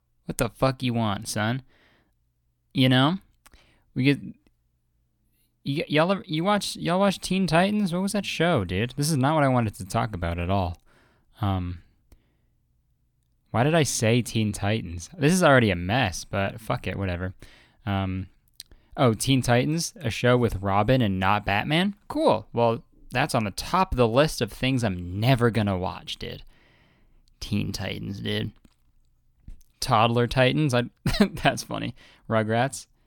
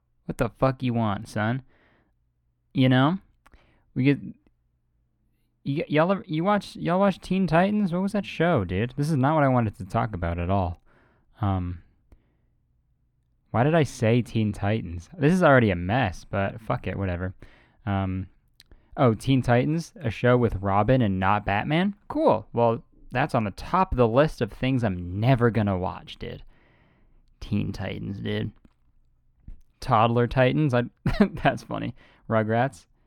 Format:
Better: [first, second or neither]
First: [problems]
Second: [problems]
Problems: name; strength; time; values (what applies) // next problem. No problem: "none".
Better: first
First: none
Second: muffled; slightly; fading above 3 kHz